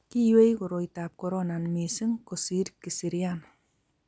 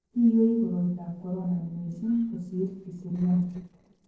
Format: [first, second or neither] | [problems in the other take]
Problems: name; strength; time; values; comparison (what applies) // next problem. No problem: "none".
first | noise reduction (neural separator model SepFormer DNS4)